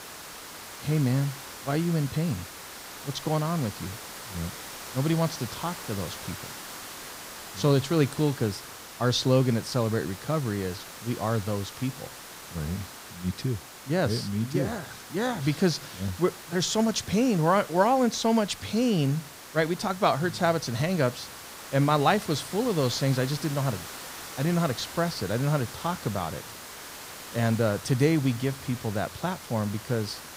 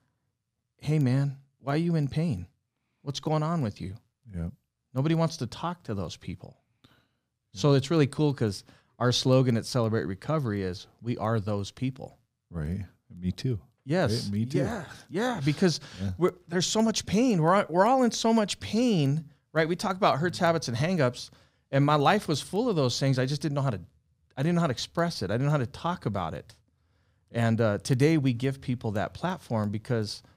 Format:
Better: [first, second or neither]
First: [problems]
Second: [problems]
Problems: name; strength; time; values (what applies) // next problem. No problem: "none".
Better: second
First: hiss; noticeable; throughout; 10 dB below the speech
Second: none